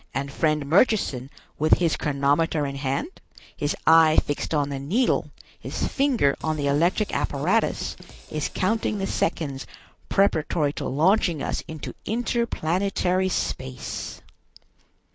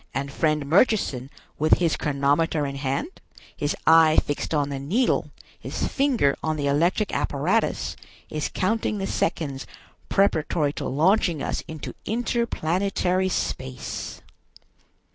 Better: second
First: background sound (Drum kit); 18 dB below the speech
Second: none

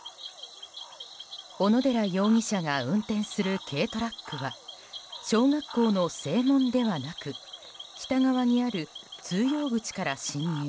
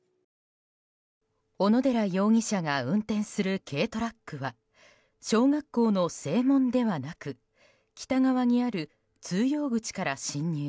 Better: second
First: background sound (Cricket / Frog); 15 dB below the speech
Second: none

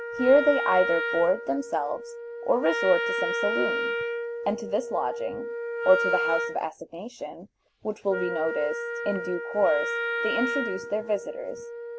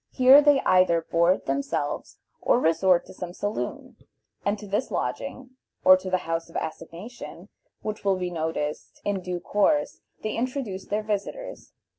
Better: second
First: background sound (Wind instrument, woodwind instrument); 4 dB below the speech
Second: none

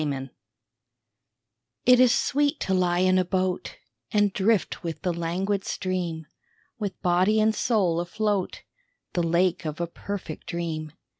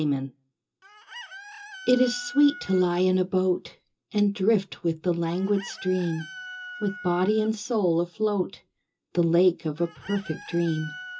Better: first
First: none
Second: background sound (Chicken, rooster); 18 dB below the speech // room echo; dies away in 0.2 s

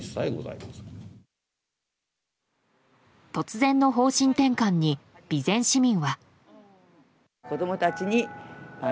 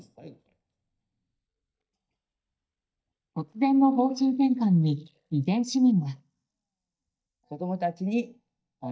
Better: first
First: none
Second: noise reduction (neural mask model DeepFilterNet 3)

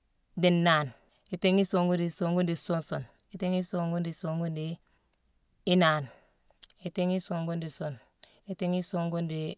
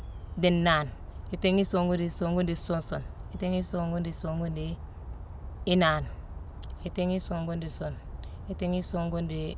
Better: first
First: none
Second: background sound (Bird vocalization, bird call, bird song); 10 dB below the speech

